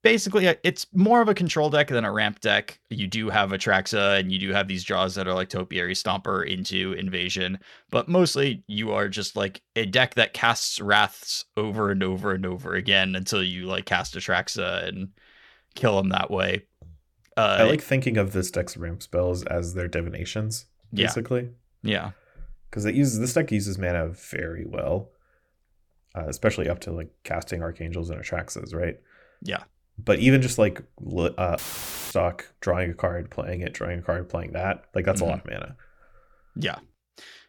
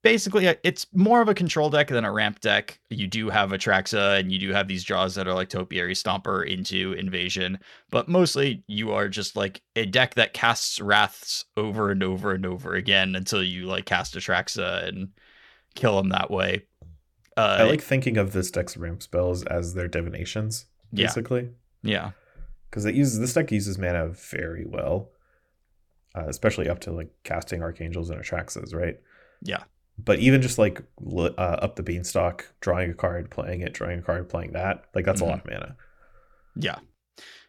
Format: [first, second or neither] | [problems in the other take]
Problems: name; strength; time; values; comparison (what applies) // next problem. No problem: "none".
second | audio cutting out; filled with static; at 32 s for 0.5 s